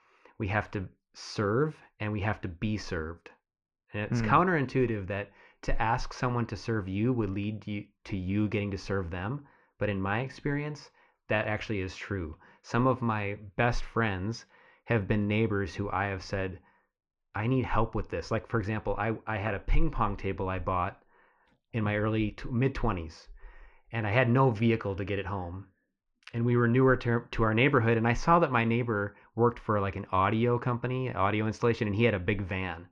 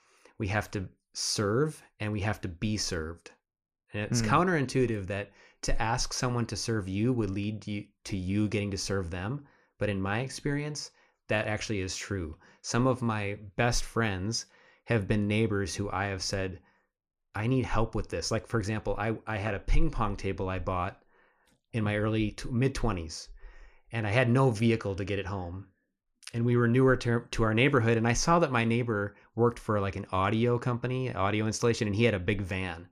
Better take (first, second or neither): second